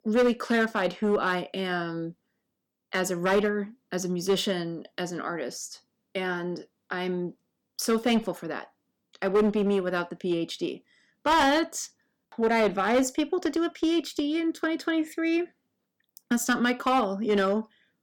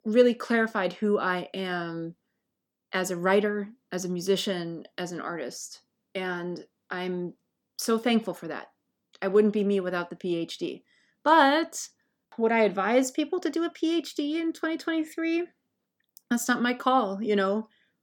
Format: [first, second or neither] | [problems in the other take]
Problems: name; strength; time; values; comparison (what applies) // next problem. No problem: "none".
second | distortion; slight; 4% of the sound clipped